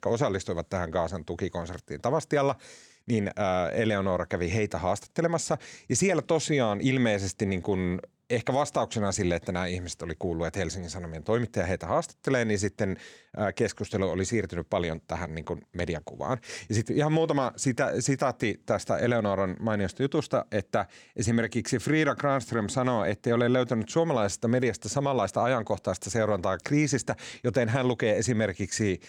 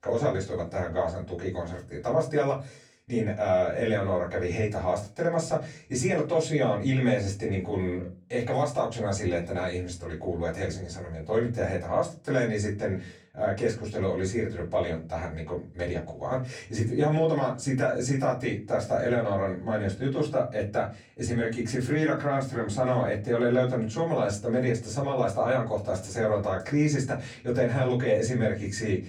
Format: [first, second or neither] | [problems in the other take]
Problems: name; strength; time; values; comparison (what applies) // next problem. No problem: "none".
first | off-mic speech; far // room echo; very slight; dies away in 0.3 s